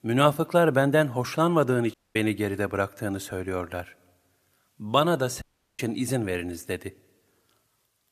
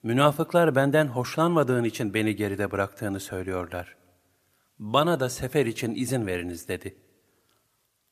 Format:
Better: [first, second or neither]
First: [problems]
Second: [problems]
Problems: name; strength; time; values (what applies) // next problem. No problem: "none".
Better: second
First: audio cutting out; at 2 s and at 5.5 s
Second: none